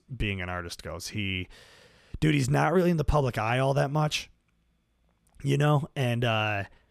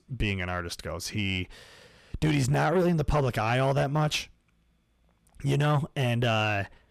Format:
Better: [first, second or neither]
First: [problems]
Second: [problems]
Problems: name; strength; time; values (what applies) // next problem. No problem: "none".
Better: first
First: none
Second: distortion; slight; 10 dB below the speech